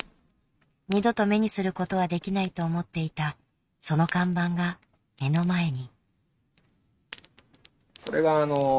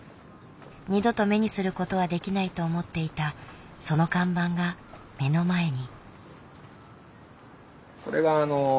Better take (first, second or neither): second